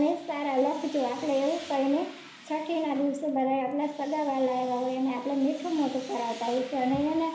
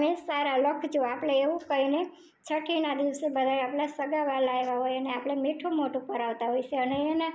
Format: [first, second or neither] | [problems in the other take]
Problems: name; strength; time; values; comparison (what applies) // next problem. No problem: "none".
second | background sound (Tools); 20 dB below the speech // room echo; dies away in 0.5 s